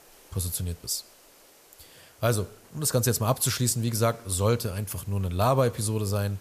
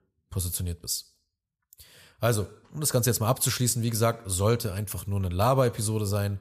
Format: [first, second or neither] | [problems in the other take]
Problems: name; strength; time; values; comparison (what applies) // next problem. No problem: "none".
second | hiss; faint; throughout; 25 dB below the speech